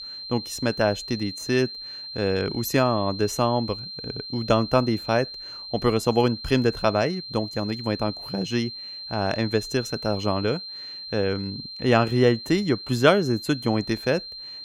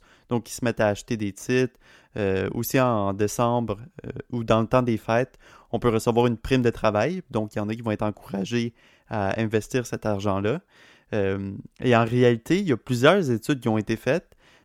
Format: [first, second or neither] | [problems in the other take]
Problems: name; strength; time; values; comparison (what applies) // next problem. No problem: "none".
second | high-pitched whine; loud; throughout; 4 kHz, 10 dB below the speech